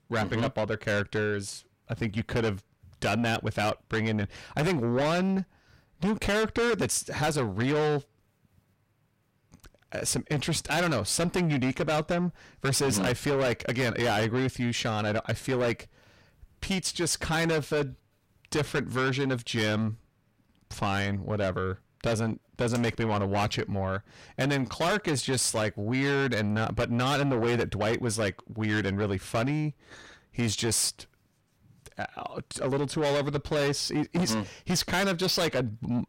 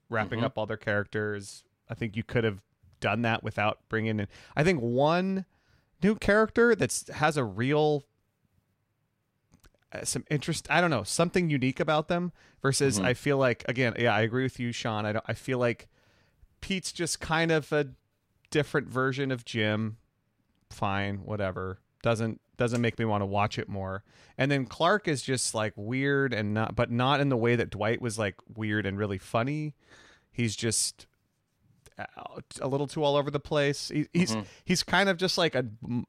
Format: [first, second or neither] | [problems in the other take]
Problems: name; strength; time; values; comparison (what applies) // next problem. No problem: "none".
second | distortion; heavy; 6 dB below the speech